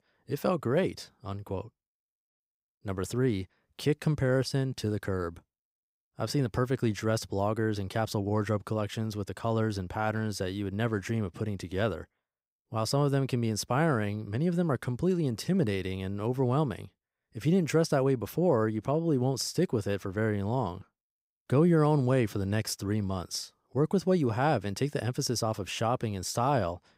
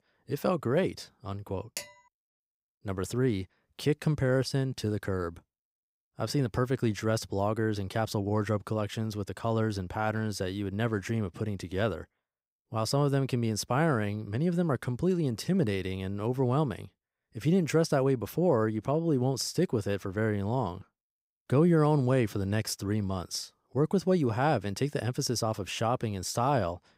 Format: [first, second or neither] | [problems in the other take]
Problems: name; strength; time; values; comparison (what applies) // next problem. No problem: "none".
first | clattering dishes; faint; at 2 s; peak 10 dB below the speech